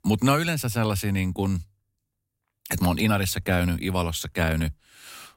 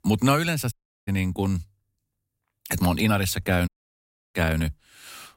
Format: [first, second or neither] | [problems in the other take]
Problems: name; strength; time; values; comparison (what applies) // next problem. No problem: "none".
first | audio cutting out; at 0.5 s and at 3.5 s for 0.5 s